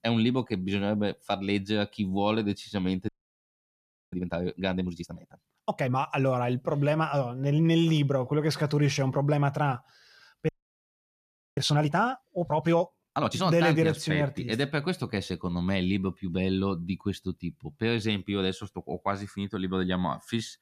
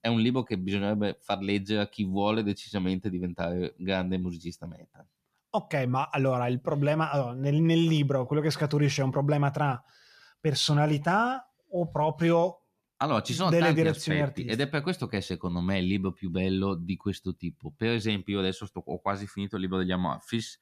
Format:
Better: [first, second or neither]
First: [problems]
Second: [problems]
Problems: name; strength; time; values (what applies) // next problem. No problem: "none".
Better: second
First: audio freezing; at 3 s for 1 s and at 10 s for 1 s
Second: none